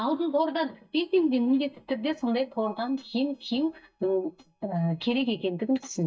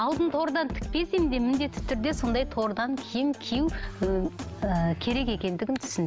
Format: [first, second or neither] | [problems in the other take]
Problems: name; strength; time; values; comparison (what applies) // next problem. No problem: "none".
second | noise reduction (neural mask model DeepFilterNet 3)